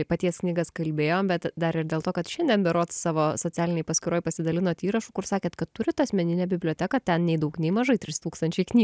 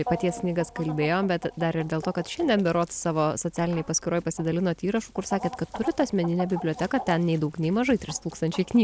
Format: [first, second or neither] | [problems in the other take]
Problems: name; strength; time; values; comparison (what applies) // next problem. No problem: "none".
first | background sound (Chicken, rooster); 14 dB below the speech